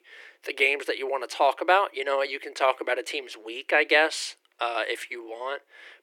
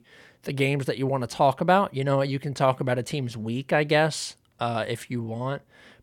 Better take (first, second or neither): second